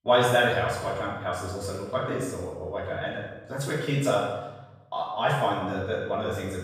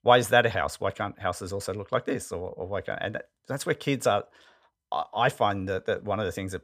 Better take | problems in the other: second | off-mic speech; far // room echo; noticeable; dies away in 0.9 s

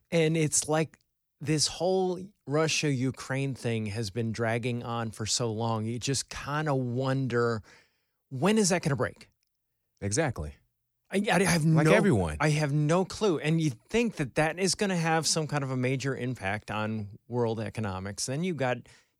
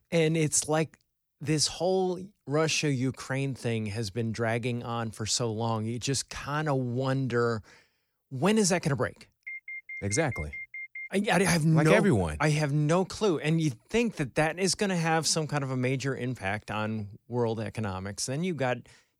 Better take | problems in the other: first | alarm; noticeable; from 9.5 to 11 s; peak 10 dB below the speech

